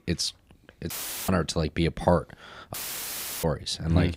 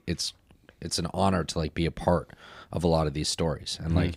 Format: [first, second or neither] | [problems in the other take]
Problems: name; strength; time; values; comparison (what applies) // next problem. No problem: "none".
second | audio cutting out; filled with static; at 1 s and at 2.5 s for 0.5 s